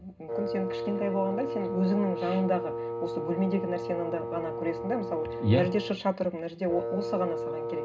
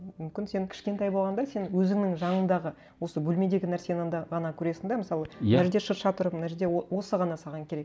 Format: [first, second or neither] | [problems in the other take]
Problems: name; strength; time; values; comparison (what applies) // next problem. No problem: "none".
second | background sound (Wind instrument, woodwind instrument); 4 dB below the speech // room echo; dies away in 0.2 s